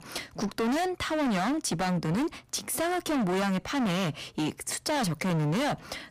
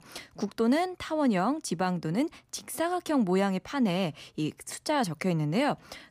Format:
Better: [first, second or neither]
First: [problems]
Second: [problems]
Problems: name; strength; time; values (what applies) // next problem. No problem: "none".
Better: second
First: distortion; heavy; 30% of the sound clipped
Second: none